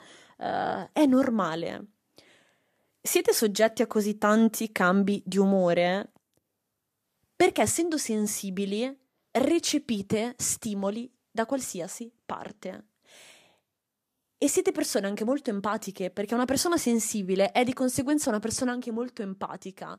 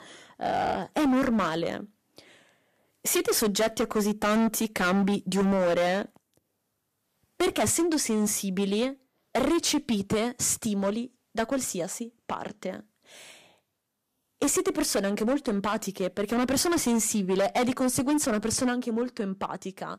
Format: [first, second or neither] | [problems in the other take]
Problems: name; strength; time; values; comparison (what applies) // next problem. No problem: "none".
first | distortion; heavy; 12% of the sound clipped